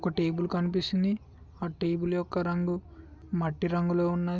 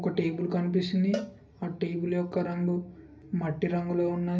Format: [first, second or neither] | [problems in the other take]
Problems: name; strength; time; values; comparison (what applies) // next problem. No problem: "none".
first | background sound (Cowbell); 15 dB below the speech // room echo; dies away in 0.3 s